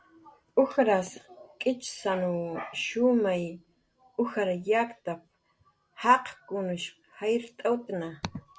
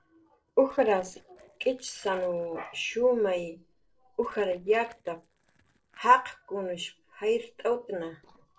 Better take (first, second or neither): first